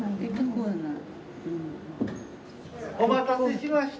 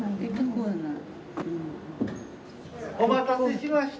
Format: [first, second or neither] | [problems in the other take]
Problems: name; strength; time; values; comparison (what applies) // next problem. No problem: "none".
first | background sound (Door / Car); 18 dB below the speech